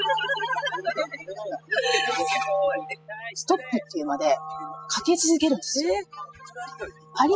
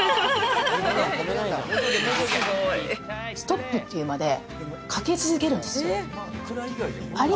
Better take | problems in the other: second | noise reduction (classical method spectral subtraction)

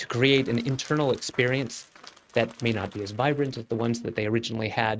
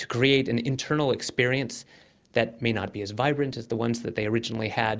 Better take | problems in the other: second | noise reduction (neural mask model RNNoise)

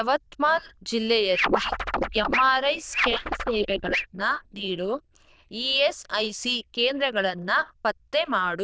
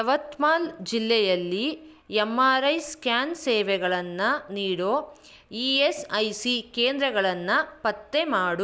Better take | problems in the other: second | noise reduction (neural diffusion model UNIVERSE++)

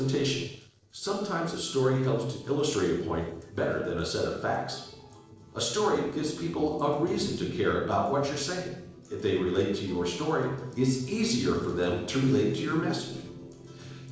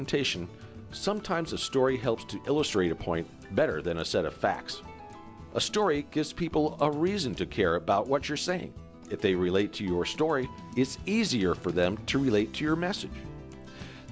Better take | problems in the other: second | noise reduction (neural separator model SepFormer DNS4)

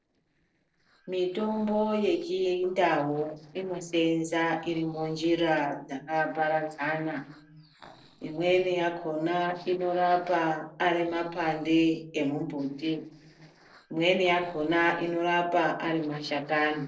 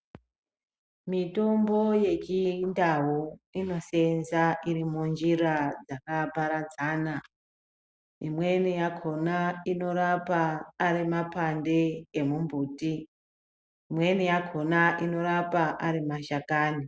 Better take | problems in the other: second | noise reduction (neural separator model SepFormer DNS4)

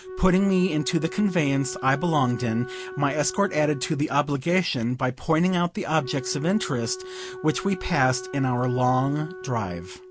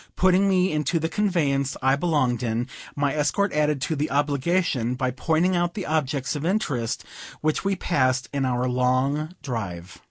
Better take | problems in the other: second | background sound (Wind instrument, woodwind instrument); 14 dB below the speech

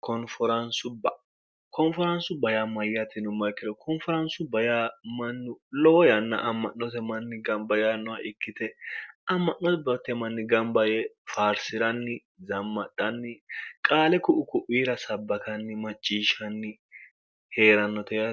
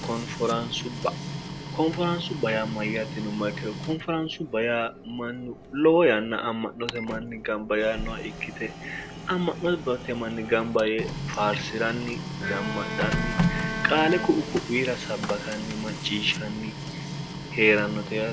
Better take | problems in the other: first | background sound (Bowed string instrument + Printer); 6 dB below the speech

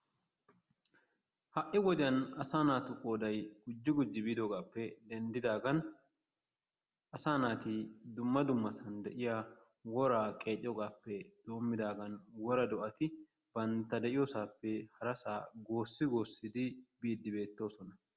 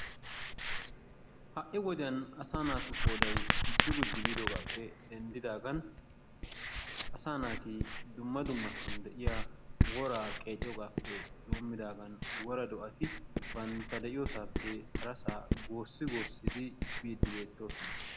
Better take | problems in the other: first | background sound (Writing); 3 dB above the speech

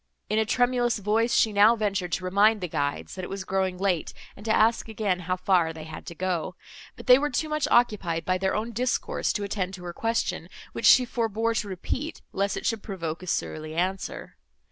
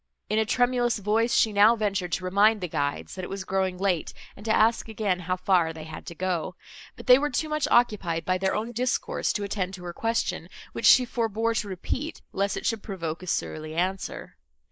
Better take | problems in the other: first | noise reduction (neural mask model Resemble Enhance denoiser)

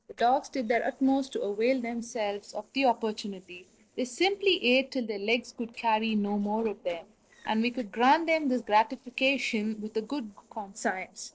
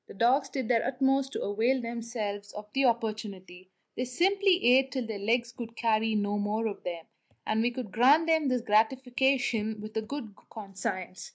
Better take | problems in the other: second | noise reduction (neural separator model SepFormer DNS4)

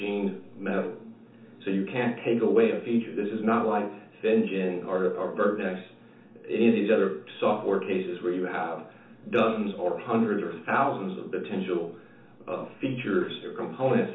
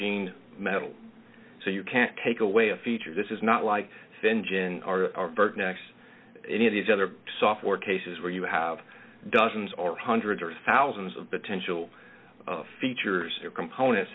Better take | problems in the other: second | room echo; dies away in 0.7 s

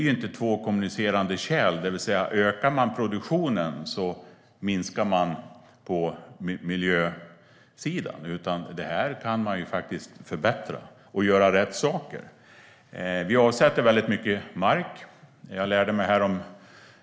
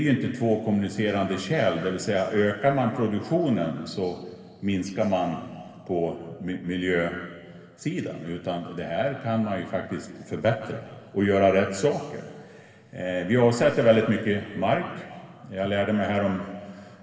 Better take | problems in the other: first | room echo; dies away in 2 s

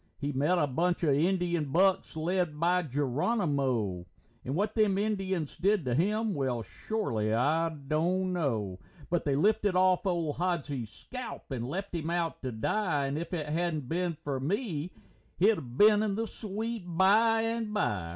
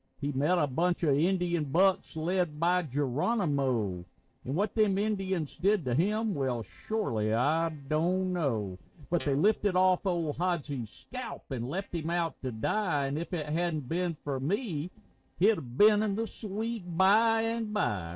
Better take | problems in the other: first | noise reduction (neural separator model SepFormer DNS4)

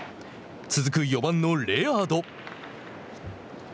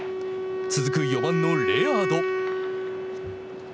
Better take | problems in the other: first | background sound (Wind instrument, woodwind instrument); 2 dB above the speech

